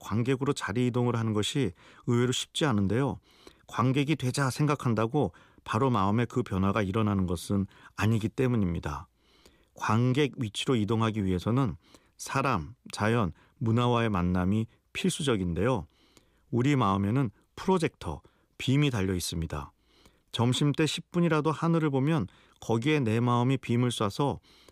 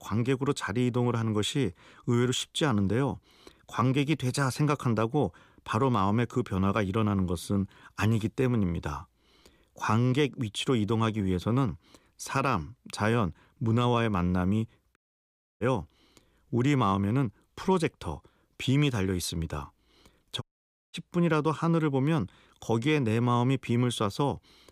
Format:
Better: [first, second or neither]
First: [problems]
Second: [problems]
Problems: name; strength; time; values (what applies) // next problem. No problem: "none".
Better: first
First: none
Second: audio cutting out; at 15 s for 0.5 s and at 20 s for 0.5 s